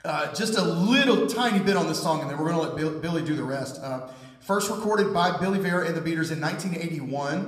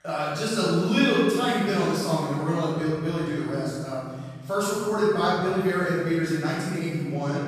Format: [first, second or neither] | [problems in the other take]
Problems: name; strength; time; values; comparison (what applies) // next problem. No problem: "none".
first | room echo; strong; dies away in 2 s; slight in the first // off-mic speech; far